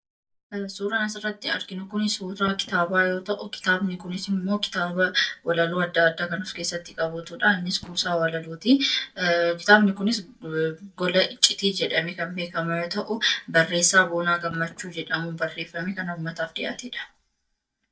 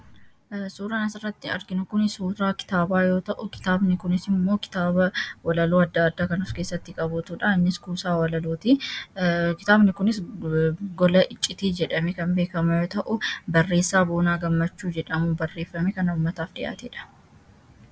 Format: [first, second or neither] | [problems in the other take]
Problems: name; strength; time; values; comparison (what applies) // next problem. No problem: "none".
second | noise reduction (neural mask model DeepFilterNet 3)